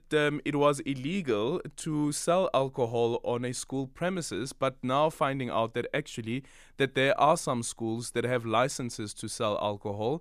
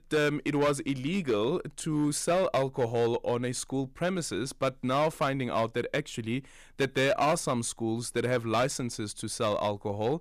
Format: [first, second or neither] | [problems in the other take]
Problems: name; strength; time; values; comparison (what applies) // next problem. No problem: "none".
first | distortion; slight; 6% of the sound clipped